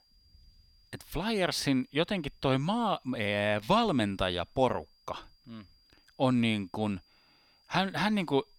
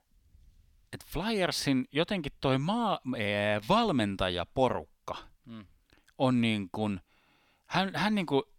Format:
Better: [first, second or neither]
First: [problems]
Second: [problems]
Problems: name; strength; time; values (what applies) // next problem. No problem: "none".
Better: second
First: high-pitched whine; faint; throughout; 5 kHz, 35 dB below the speech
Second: none